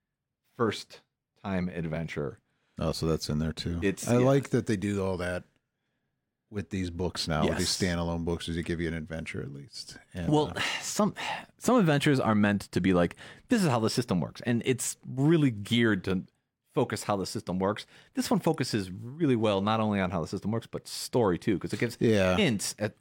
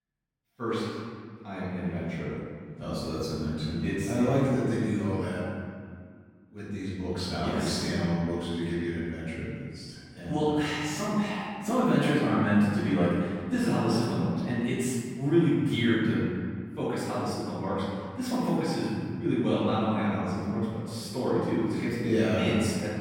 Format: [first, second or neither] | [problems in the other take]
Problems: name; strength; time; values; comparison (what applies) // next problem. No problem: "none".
first | room echo; strong; dies away in 1.9 s // off-mic speech; far